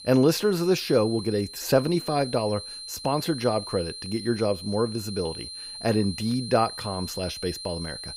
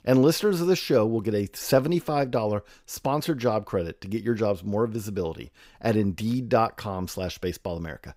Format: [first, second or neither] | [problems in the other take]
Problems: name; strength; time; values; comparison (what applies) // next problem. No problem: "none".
second | high-pitched whine; noticeable; throughout; 4 kHz, 10 dB below the speech